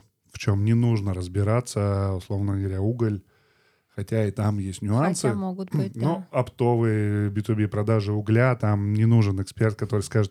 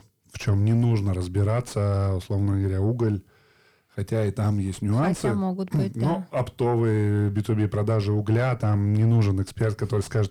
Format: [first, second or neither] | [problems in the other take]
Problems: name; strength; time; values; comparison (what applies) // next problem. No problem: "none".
first | distortion; slight; 9 dB below the speech